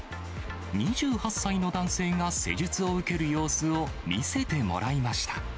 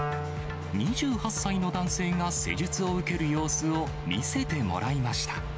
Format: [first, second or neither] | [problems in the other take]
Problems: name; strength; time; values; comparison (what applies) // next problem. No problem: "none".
first | background sound (Wind instrument, woodwind instrument); 8 dB below the speech